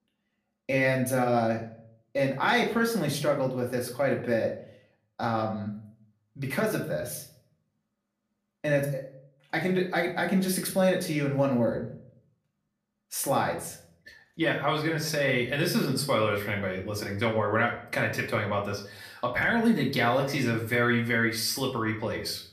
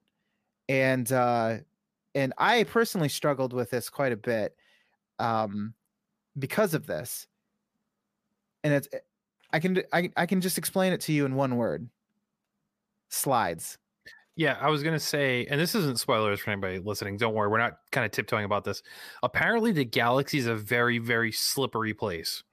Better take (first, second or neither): second